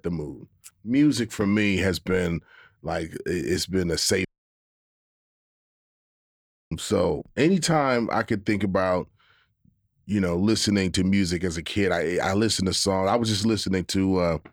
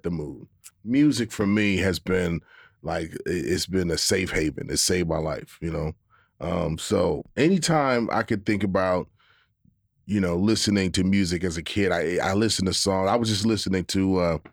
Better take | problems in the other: second | audio cutting out; at 4.5 s for 2.5 s

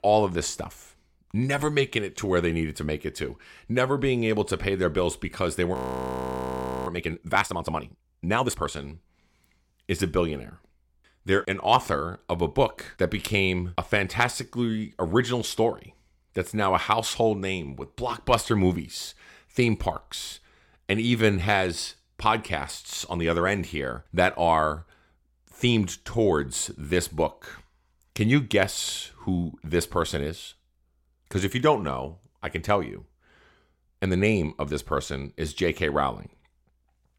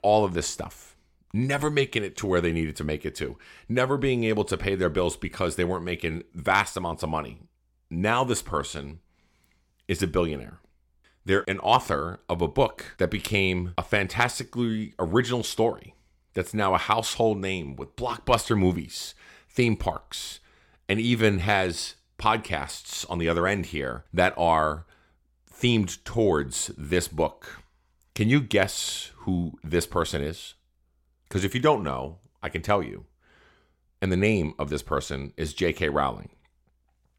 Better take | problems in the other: second | audio freezing; at 6 s for 1 s

